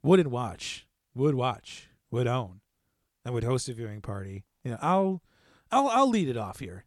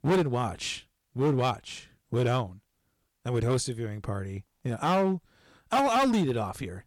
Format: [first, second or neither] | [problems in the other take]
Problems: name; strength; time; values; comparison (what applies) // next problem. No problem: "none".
first | distortion; heavy; 8% of the sound clipped